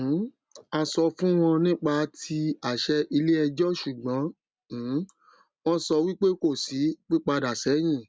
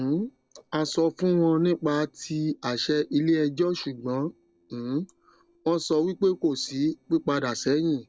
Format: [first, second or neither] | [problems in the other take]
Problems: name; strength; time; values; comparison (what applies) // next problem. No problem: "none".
first | noise reduction (neural separator model SepFormer DNS4)